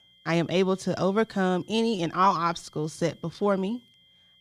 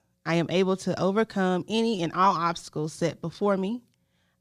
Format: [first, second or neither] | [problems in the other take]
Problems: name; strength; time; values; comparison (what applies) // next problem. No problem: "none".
second | high-pitched whine; faint; throughout; 3 kHz, 30 dB below the speech